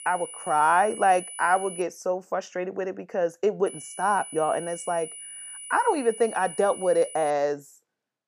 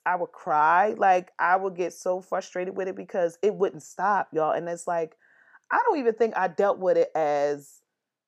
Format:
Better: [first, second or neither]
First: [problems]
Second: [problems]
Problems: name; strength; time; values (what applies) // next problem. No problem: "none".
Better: second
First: high-pitched whine; noticeable; until 2 s and from 3.5 to 7.5 s; 10 kHz, 10 dB below the speech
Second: none